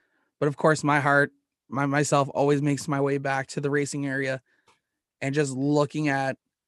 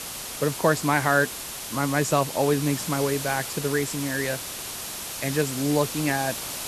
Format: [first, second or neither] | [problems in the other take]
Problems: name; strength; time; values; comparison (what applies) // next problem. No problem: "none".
first | hiss; loud; throughout; 6 dB below the speech